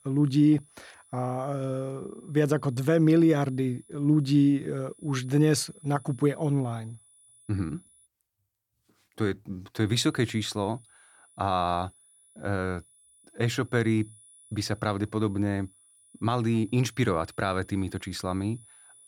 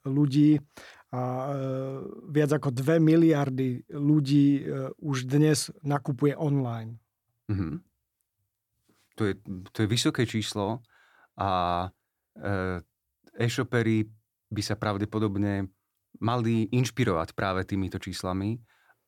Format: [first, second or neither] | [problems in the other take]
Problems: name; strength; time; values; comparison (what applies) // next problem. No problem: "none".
second | high-pitched whine; faint; until 8 s and from 10 s on; 10 kHz, 25 dB below the speech